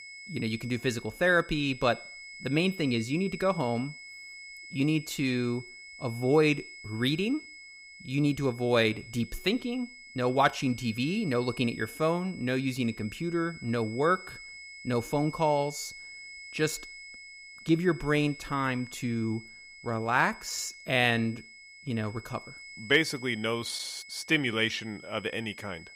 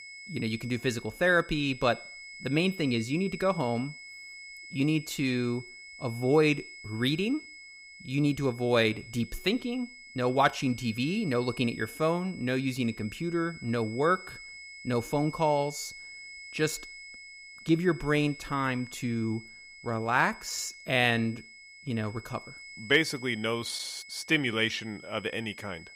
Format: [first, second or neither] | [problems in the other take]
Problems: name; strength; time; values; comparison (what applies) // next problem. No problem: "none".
neither | high-pitched whine; noticeable; throughout; 2 kHz, 15 dB below the speech; the same in both